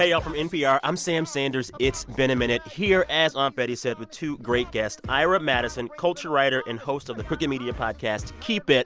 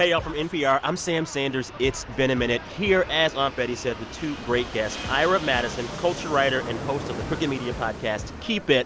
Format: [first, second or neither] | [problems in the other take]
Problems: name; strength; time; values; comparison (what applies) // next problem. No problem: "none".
first | background sound (Fixed-wing aircraft, airplane); 12 dB below the speech